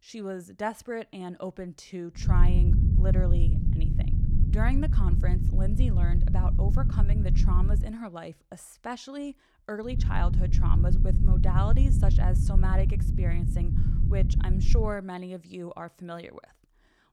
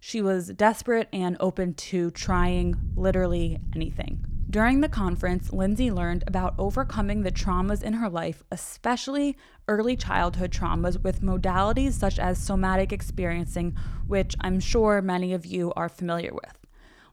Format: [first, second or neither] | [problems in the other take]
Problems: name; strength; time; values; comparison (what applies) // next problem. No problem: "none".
second | low rumble; loud; from 2 to 8 s and from 10 to 15 s; 3 dB below the speech; faint in the second